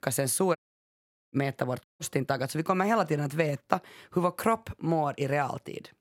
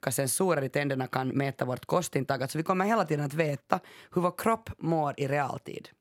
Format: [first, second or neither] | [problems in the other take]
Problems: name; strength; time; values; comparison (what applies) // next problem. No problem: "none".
second | audio cutting out; at 0.5 s for 1 s and at 2 s